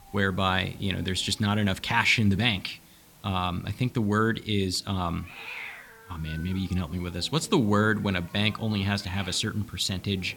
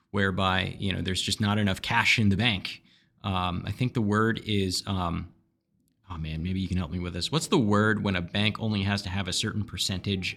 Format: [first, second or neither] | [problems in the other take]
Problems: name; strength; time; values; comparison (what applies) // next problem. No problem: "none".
second | hiss; faint; throughout; 20 dB below the speech